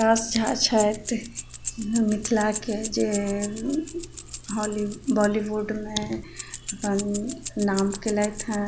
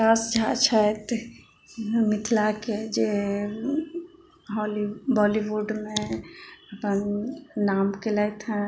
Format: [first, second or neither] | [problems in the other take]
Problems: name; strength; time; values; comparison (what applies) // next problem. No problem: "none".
second | background sound (Keys jangling); 11 dB below the speech